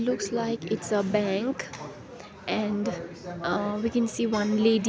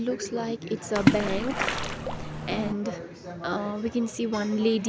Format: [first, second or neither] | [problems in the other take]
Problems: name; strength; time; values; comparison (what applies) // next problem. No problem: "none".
first | background sound (Splash, splatter); 1 dB above the speech